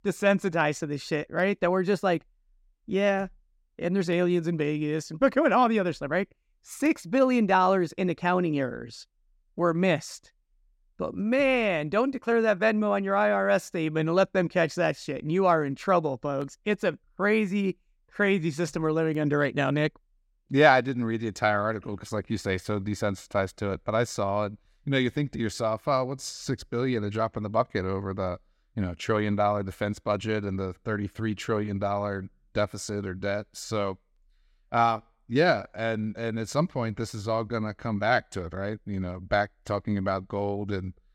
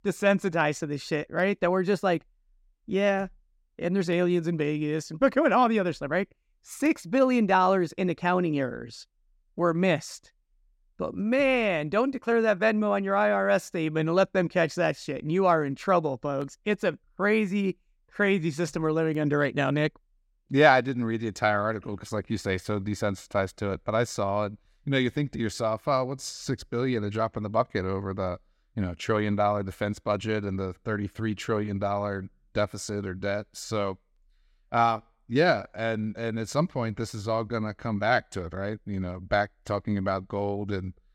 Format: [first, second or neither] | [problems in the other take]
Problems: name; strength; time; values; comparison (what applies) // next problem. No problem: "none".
neither | none